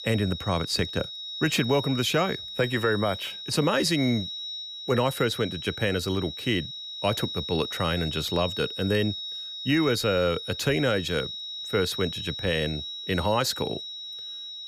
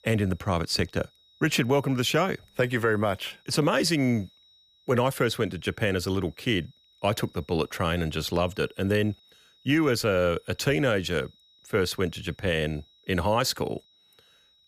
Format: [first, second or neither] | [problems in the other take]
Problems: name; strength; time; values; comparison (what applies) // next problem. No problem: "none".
second | high-pitched whine; loud; throughout; 4 kHz, 7 dB below the speech; faint in the second